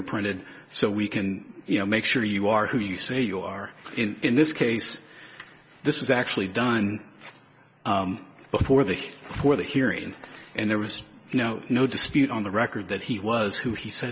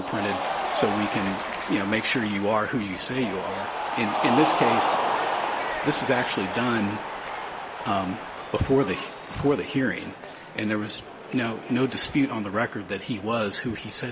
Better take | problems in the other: first | background sound (Cheering); 3 dB below the speech

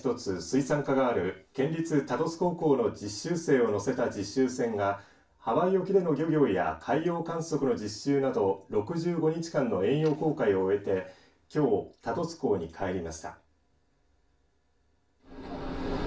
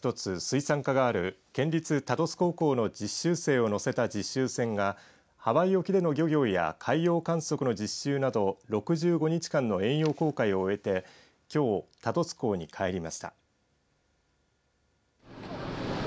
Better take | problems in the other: second | room echo; dies away in 0.3 s

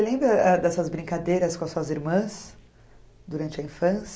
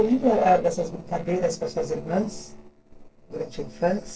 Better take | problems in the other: first | noise reduction (neural separator model SepFormer DNS4)

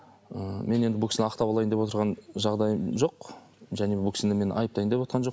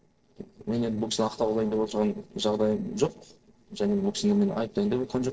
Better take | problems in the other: first | noise reduction (neural separator model SepFormer DNS4)

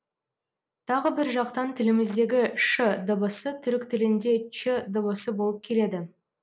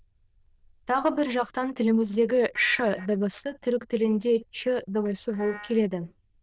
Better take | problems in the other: first | noise reduction (neural diffusion model UNIVERSE++)

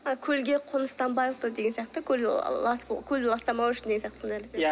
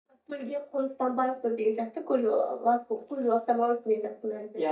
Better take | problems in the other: first | noise reduction (neural mask model DeepFilterNet 3)

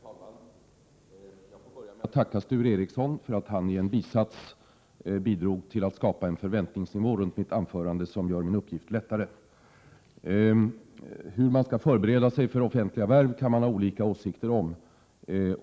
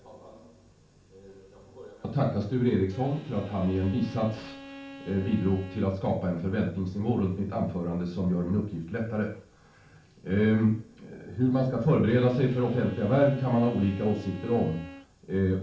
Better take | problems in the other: first | background sound (Bowed string instrument); 17 dB below the speech // room echo; dies away in 0.4 s

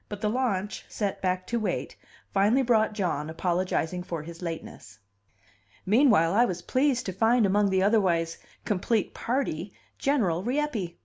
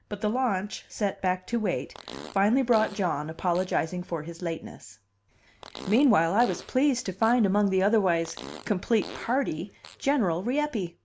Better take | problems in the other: first | background sound (Fart); 18 dB below the speech

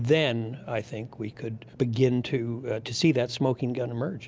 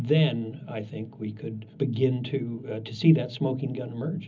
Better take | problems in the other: first | room echo; dies away in 0.4 s

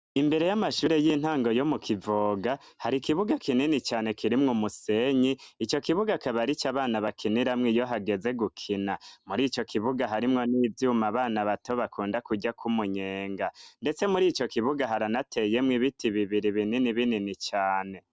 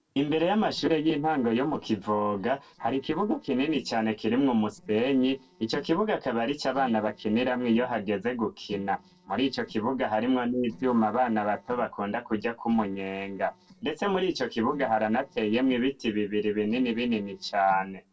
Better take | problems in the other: first | noise reduction (neural separator model SepFormer DNS4)

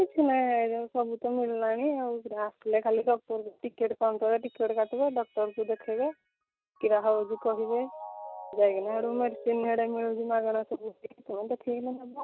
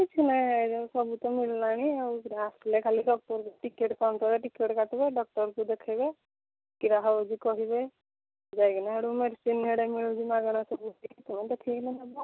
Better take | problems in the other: second | noise reduction (neural mask model RNNoise)

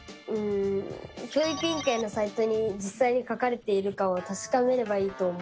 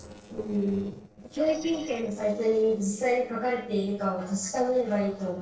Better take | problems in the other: first | noise reduction (neural separator model SepFormer DNS4)

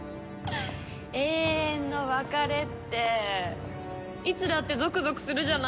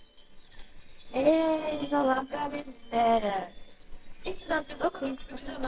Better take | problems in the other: first | noise reduction (neural separator model SepFormer WHAMR!)

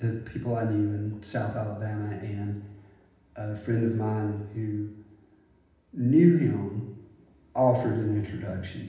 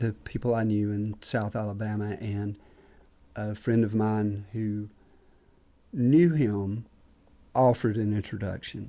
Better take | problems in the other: second | room echo; dies away in 0.9 s

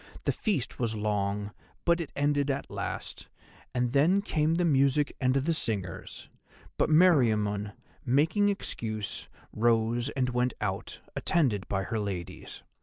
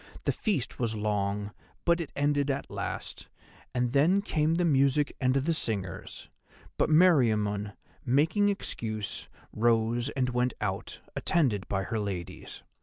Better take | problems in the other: second | noise reduction (neural mask model Resemble Enhance denoiser)

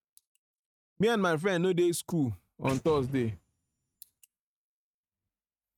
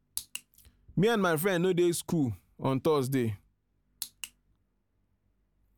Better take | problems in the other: second | noise reduction (neural mask model RNNoise)

